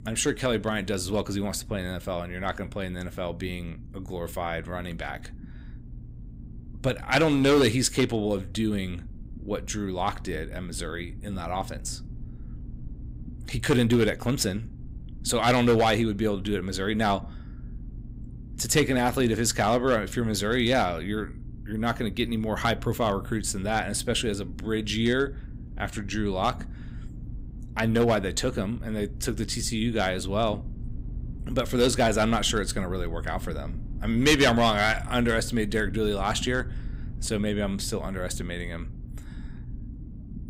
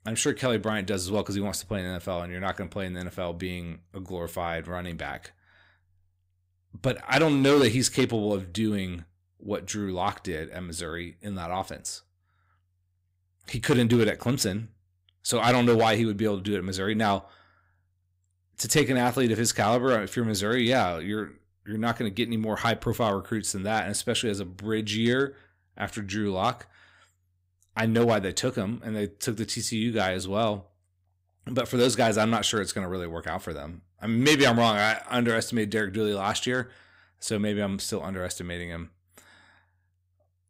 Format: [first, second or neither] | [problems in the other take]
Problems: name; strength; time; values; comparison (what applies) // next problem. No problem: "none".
second | low rumble; faint; throughout; 25 dB below the speech